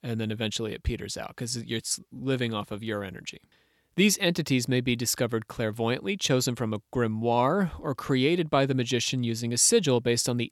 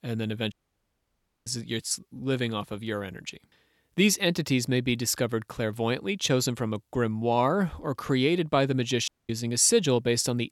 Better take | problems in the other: first | audio cutting out; at 0.5 s for 1 s and at 9 s

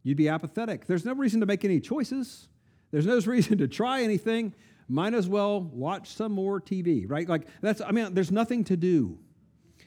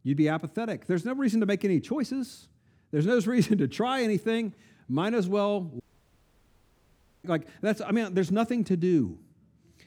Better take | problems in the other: first | audio cutting out; at 6 s for 1.5 s

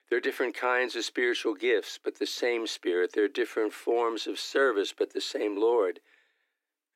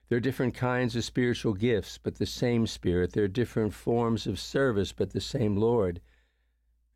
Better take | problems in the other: second | thin; very; fading below 300 Hz

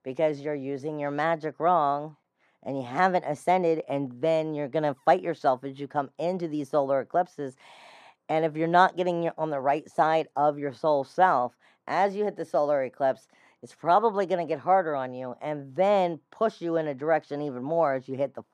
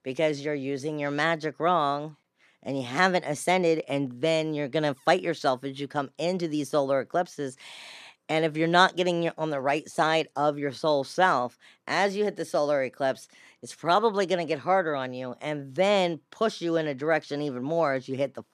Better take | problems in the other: second | muffled; slightly; fading above 2 kHz

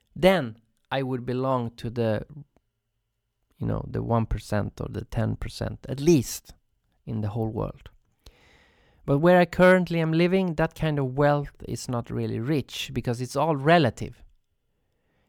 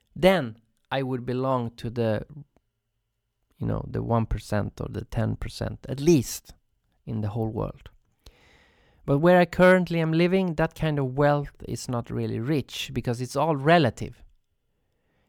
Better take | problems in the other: neither | none

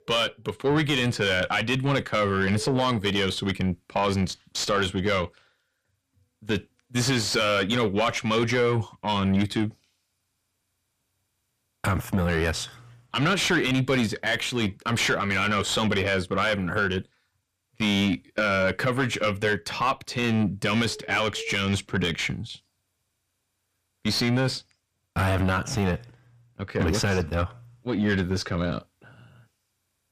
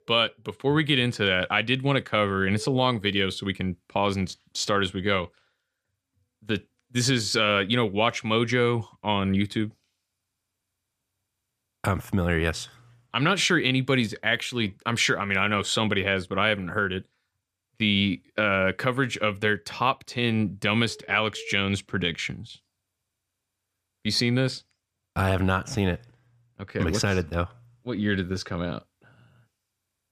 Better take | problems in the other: second | distortion; heavy; 7 dB below the speech

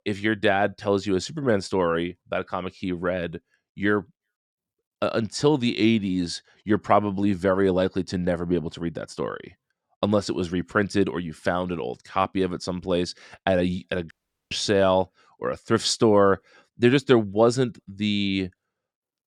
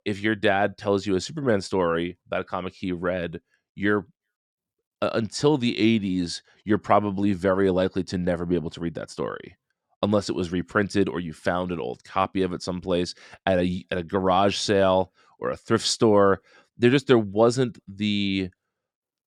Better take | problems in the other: second | audio cutting out; at 14 s

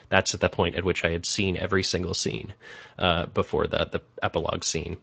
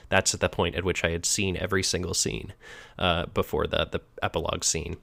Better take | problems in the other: second | garbled, watery; slightly; nothing above 7.5 kHz

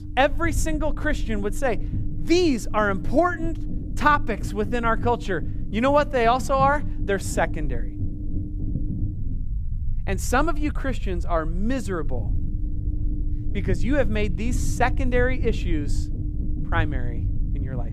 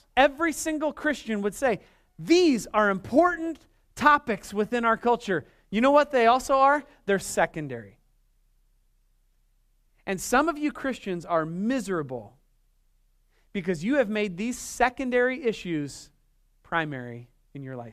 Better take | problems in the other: second | low rumble; noticeable; throughout; 20 dB below the speech

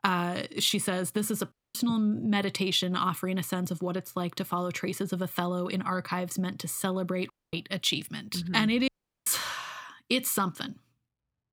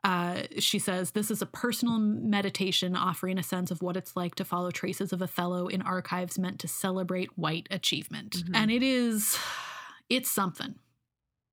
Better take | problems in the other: second | audio cutting out; at 1.5 s, at 7.5 s and at 9 s

